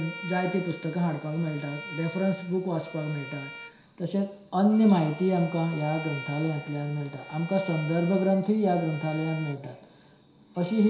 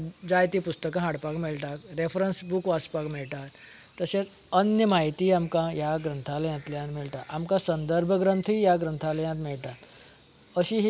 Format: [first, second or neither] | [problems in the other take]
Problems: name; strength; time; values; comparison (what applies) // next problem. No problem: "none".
second | background sound (Bowed string instrument); 16 dB below the speech // room echo; dies away in 0.7 s